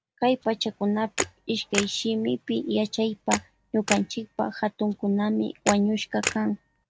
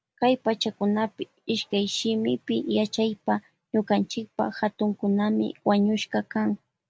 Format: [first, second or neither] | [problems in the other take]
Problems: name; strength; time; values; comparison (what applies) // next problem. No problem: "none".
second | background sound (Camera); 9 dB below the speech